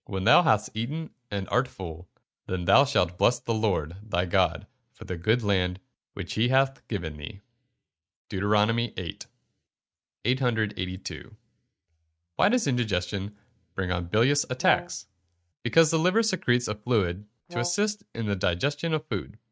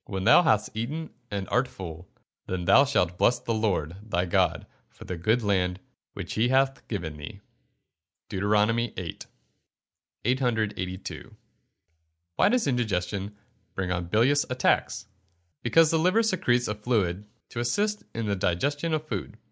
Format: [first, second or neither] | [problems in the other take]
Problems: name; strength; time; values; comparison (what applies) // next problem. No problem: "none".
second | noise reduction (neural mask model RNNoise)